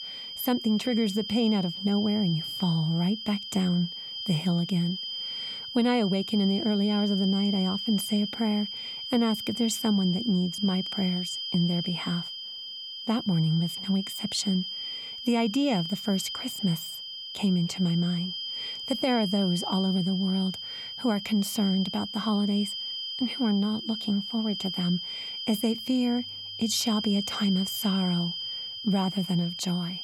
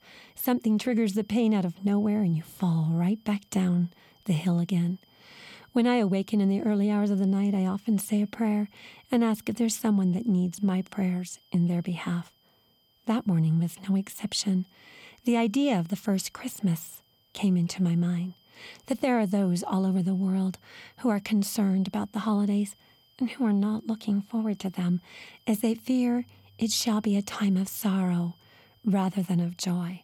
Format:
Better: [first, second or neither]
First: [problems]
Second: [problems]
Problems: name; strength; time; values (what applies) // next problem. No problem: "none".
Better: second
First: high-pitched whine; loud; throughout; 3 kHz, 5 dB below the speech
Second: high-pitched whine; faint; throughout; 3 kHz, 35 dB below the speech